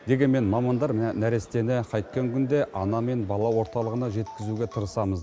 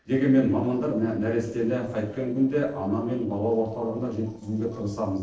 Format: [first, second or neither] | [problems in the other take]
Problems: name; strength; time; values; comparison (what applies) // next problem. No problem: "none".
first | noise reduction (neural separator model SepFormer DNS4)